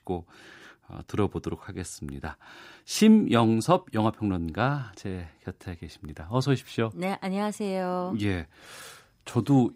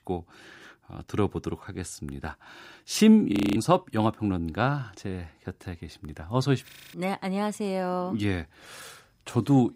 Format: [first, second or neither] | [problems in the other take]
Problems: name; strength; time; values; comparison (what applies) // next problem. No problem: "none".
first | audio freezing; at 3.5 s and at 6.5 s